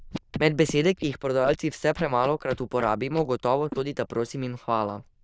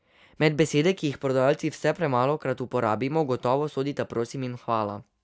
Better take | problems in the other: second | noise reduction (neural diffusion model UNIVERSE++)

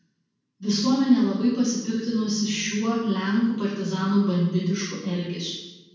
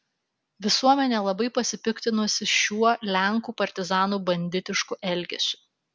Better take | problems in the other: second | room echo; dies away in 1.1 s

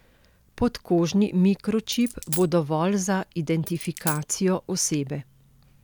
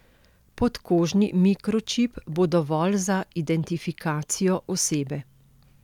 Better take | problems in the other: second | background sound (Coin (dropping)); 9 dB below the speech

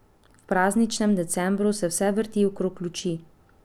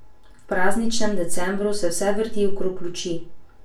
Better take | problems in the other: first | room echo; dies away in 0.3 s

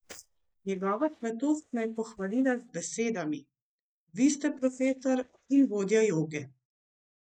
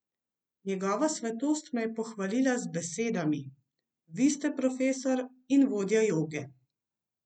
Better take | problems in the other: second | noise reduction (neural mask model DeepFilterNet 3)

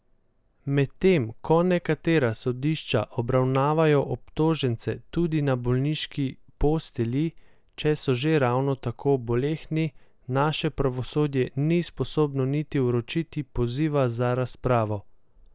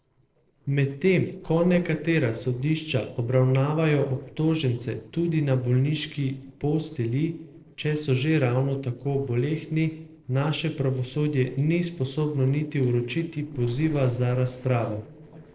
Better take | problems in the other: first | noise reduction (neural separator model SepFormer DNS4)

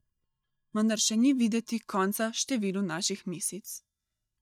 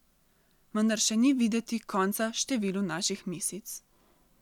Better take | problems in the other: second | noise reduction (neural mask model DeepFilterNet 3)

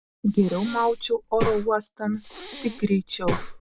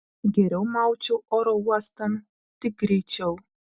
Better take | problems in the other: second | background sound (Breathing); 7 dB below the speech

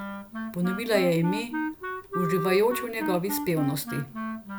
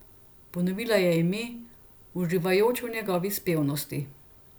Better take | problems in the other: second | background sound (Wind instrument, woodwind instrument); 6 dB below the speech

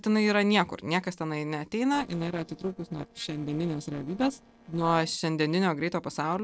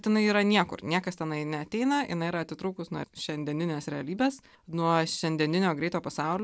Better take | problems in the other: second | noise reduction (neural separator model SepFormer DNS4)

